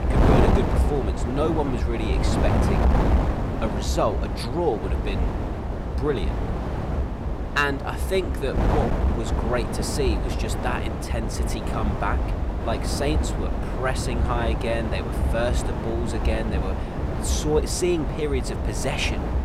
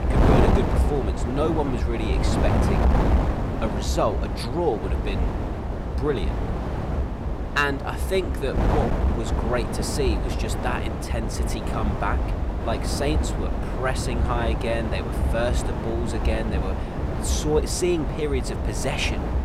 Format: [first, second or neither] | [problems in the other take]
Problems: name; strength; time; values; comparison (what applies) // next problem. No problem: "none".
neither | wind noise on the microphone; heavy; 2 dB below the speech; the same in both